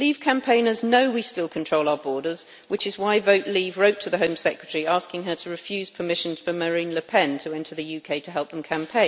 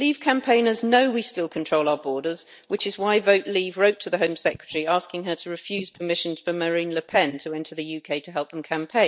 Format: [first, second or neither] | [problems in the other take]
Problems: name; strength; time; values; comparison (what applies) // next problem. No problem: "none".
first | noise reduction (neural mask model DeepFilterNet 3)